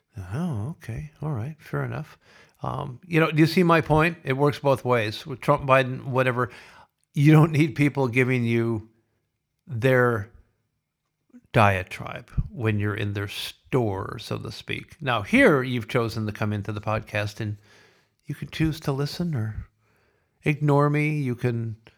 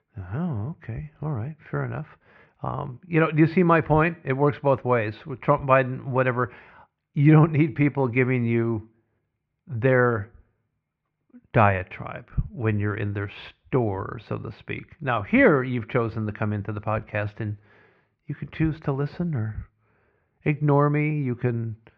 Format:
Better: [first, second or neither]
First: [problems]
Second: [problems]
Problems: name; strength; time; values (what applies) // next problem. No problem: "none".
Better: first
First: none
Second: muffled; very; fading above 2 kHz